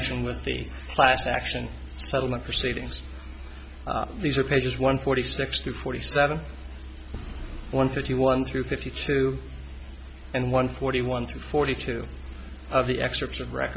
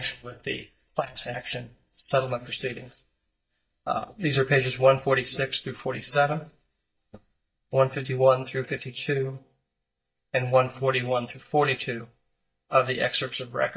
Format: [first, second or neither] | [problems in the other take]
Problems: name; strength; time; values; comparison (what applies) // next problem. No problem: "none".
first | noise reduction (neural mask model DeepFilterNet 3)